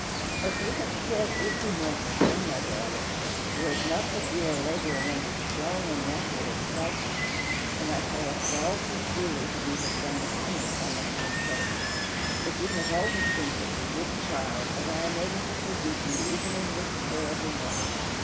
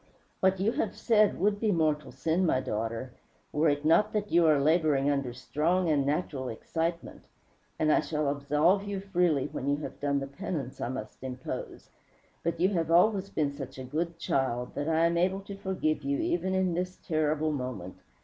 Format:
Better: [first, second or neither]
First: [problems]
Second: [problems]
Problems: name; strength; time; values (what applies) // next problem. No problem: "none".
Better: second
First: background sound (Slam + Water); 5 dB above the speech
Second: none